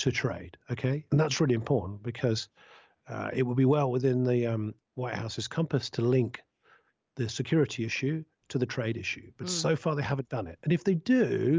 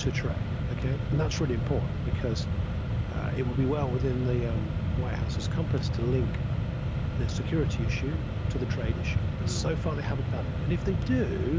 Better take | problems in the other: first | background sound (Mechanisms); 4 dB above the speech

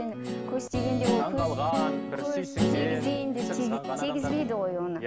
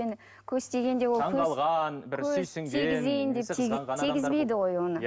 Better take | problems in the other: second | background sound (Guitar); 2 dB below the speech

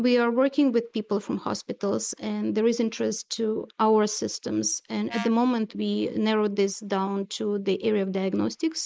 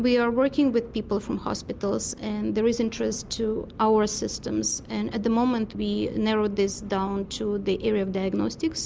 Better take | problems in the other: second | noise reduction (neural mask model Resemble Enhance denoiser)

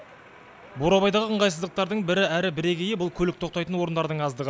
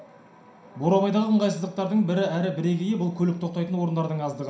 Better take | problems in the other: first | room echo; dies away in 0.5 s

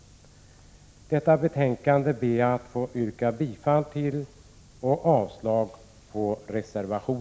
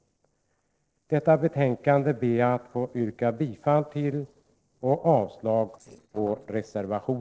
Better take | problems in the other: first | noise reduction (neural separator model SepFormer DNS4)

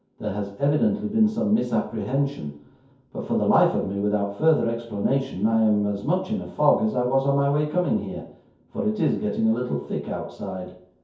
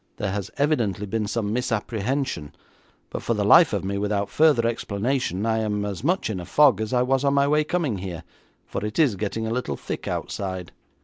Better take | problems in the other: second | room echo; dies away in 0.6 s

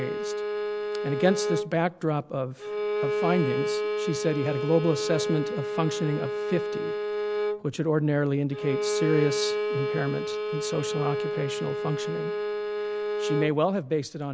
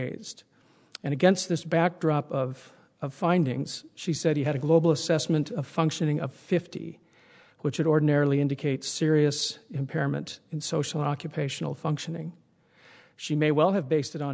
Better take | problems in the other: second | background sound (Bowed string instrument); 1 dB below the speech

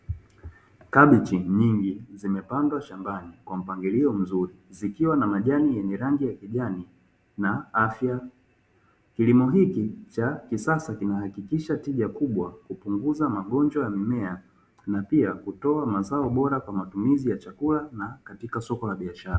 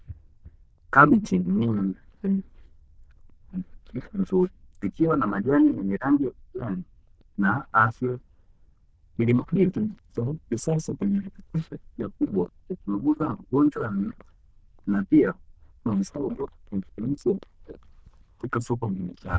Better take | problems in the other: first | noise reduction (neural diffusion model UNIVERSE++)

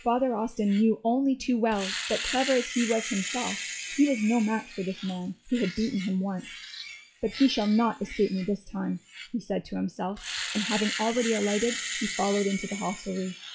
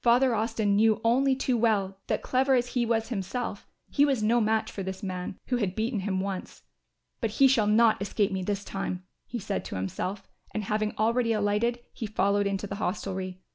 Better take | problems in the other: second | noise reduction (classical method WPE with log-MMSE)

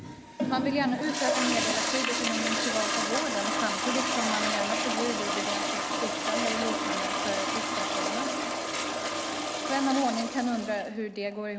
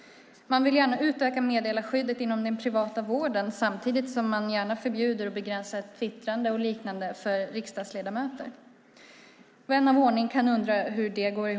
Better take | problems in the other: second | background sound (Toilet flush); 2 dB above the speech

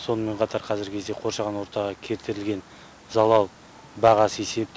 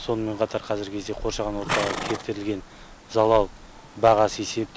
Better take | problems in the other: first | background sound (Livestock, farm animals, working animals); 10 dB below the speech

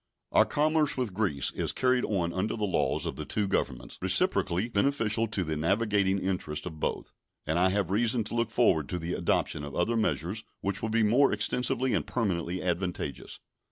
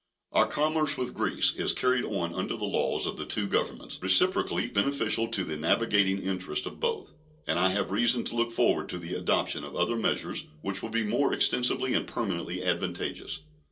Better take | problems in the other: first | room echo; dies away in 0.2 s

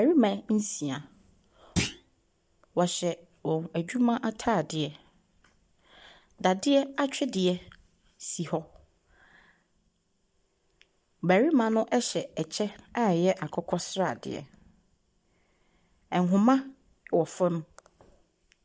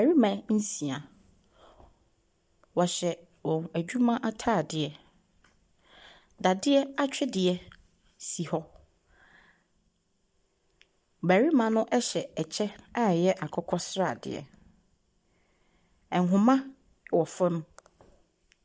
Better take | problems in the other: second | background sound (Thump, thud); 3 dB below the speech

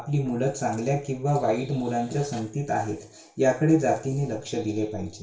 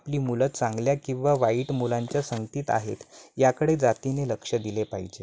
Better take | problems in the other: second | room echo; dies away in 0.4 s

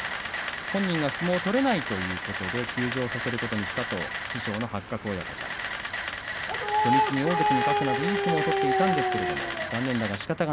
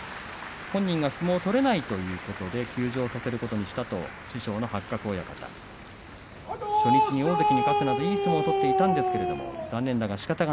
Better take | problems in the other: second | background sound (Camera); 6 dB below the speech

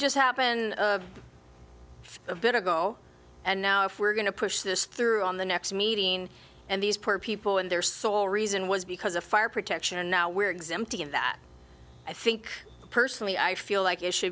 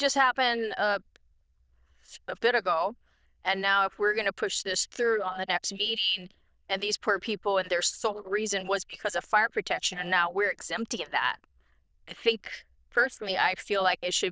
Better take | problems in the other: first | noise reduction (neural diffusion model UNIVERSE++)

